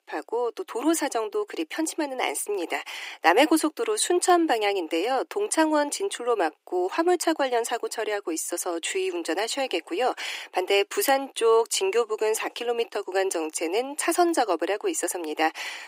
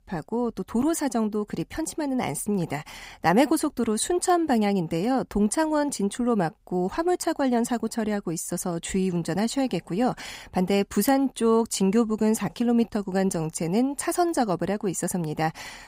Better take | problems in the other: second | thin; very; fading below 300 Hz

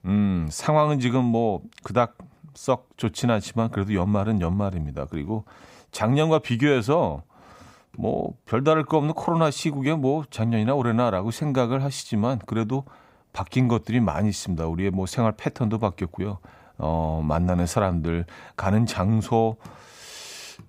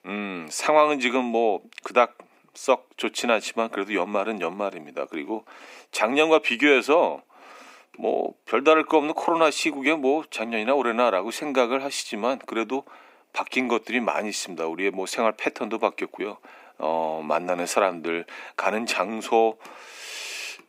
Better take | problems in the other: first | thin; somewhat; fading below 300 Hz

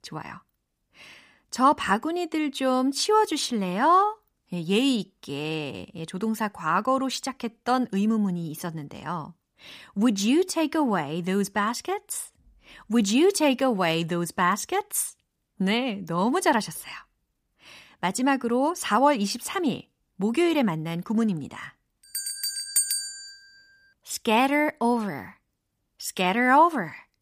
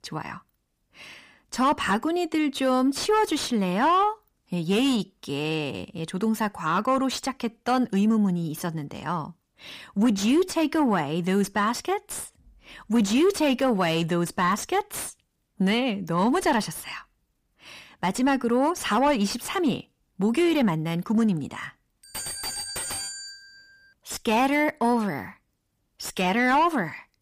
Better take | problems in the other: first | distortion; slight; 10 dB below the speech

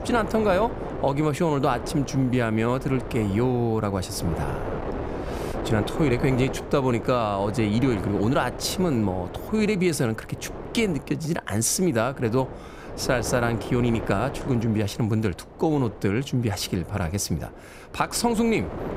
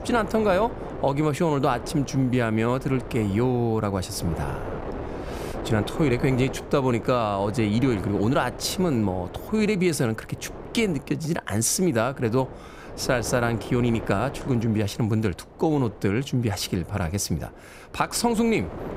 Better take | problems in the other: second | wind noise on the microphone; heavy; 9 dB below the speech; occasional gusts in the second

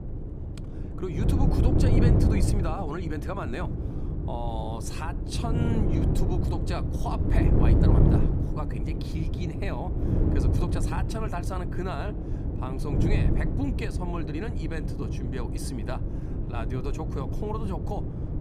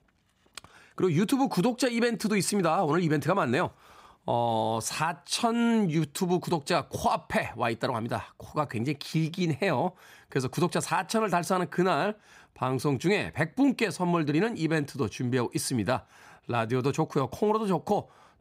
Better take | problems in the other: second | wind noise on the microphone; heavy; as loud as the speech

